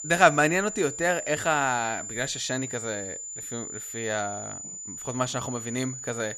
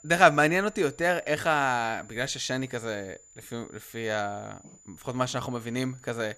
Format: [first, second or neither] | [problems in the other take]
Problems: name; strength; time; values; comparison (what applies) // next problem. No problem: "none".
second | high-pitched whine; loud; throughout; 7 kHz, 8 dB below the speech; faint in the second